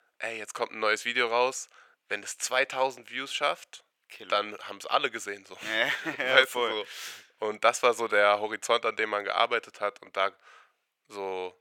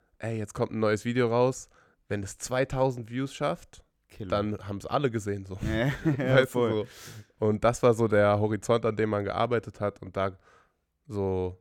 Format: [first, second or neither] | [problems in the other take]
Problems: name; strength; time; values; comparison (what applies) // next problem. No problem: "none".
second | thin; very; fading below 700 Hz